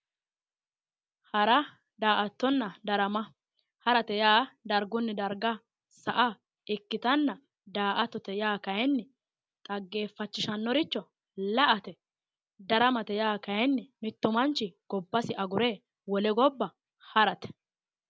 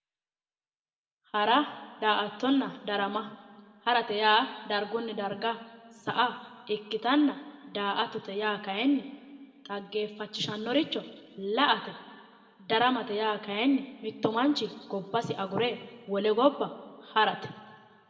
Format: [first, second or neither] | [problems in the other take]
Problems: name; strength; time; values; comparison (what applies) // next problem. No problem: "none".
first | room echo; dies away in 1.4 s